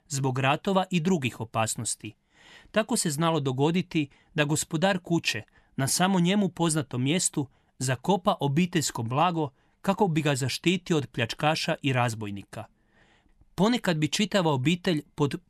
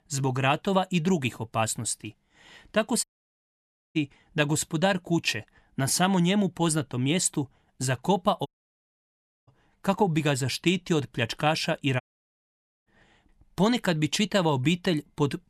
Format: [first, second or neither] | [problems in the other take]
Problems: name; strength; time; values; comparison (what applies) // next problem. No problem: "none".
first | audio cutting out; at 3 s for 1 s, at 8.5 s for 1 s and at 12 s for 1 s